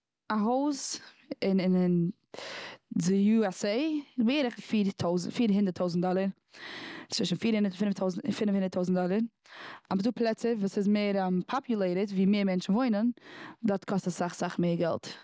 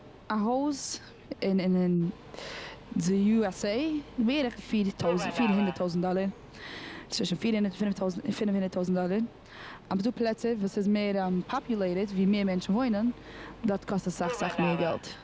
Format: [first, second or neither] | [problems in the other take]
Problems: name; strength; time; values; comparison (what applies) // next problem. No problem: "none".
first | background sound (Subway, metro, underground); 14 dB below the speech